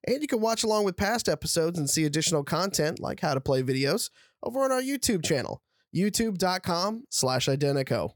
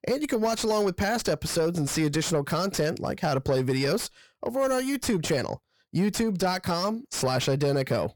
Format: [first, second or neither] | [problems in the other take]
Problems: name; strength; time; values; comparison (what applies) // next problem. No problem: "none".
first | distortion; slight; 10 dB below the speech